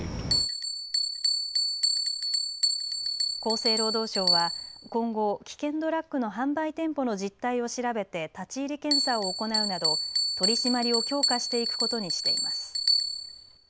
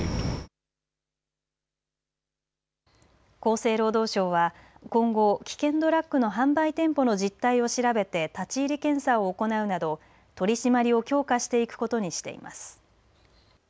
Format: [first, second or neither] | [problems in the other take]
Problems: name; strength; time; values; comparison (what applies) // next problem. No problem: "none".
second | background sound (Bell); 2 dB above the speech